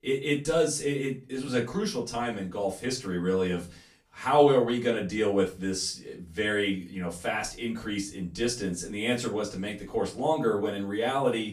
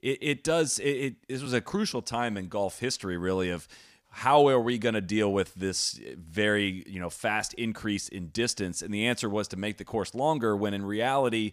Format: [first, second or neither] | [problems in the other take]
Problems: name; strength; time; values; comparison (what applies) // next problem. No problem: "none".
second | off-mic speech; far // room echo; very slight; dies away in 0.3 s